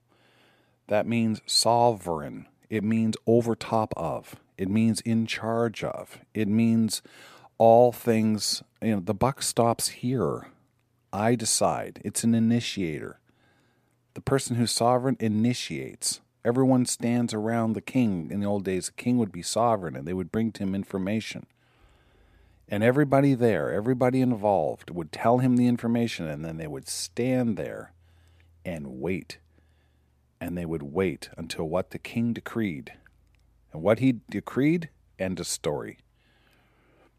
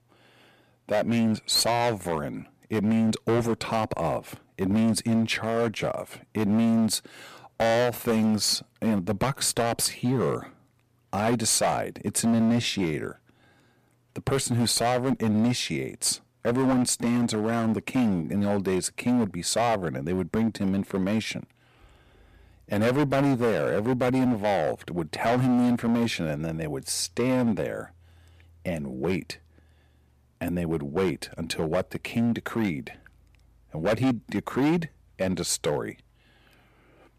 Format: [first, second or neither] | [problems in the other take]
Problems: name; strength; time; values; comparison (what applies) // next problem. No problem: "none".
first | distortion; heavy; 11% of the sound clipped